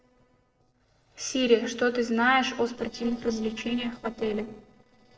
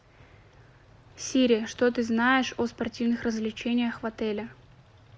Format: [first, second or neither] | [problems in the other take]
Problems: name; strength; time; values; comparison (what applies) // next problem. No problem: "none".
second | noise reduction (neural separator model SepFormer DNS4)